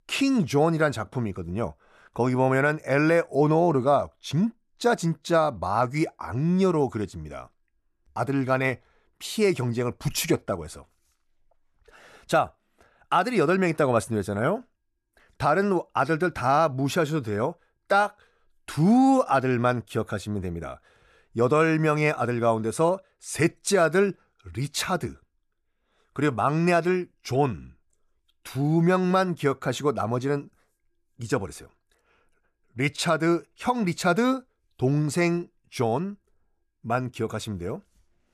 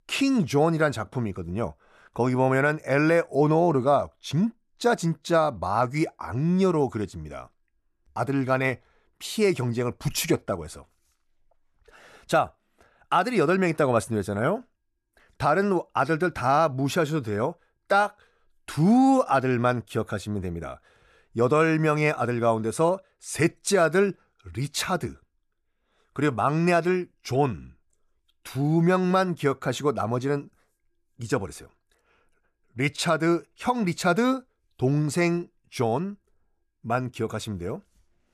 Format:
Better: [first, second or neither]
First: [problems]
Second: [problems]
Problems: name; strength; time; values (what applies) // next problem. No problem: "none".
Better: neither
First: none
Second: none